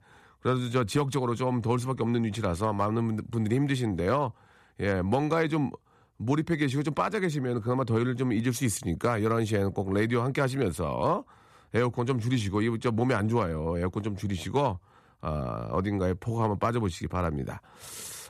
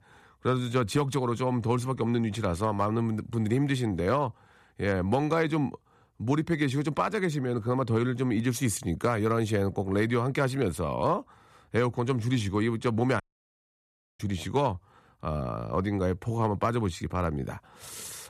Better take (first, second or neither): first